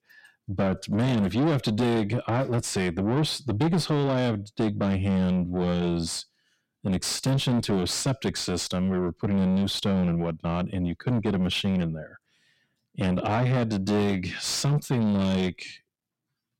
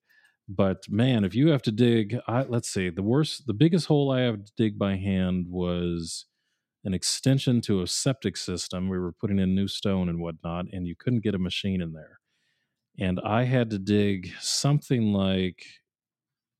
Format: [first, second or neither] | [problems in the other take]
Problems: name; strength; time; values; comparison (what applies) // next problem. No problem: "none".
second | distortion; heavy; 6 dB below the speech